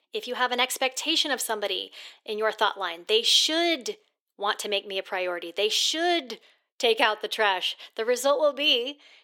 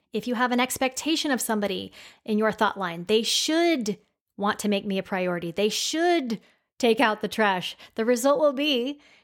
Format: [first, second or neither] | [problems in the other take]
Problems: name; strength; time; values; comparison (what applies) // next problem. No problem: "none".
second | thin; somewhat; fading below 350 Hz